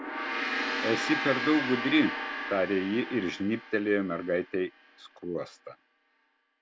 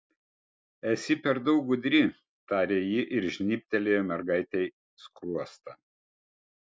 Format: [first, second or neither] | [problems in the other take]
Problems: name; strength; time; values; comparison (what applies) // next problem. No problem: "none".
second | background sound (Gong); 5 dB below the speech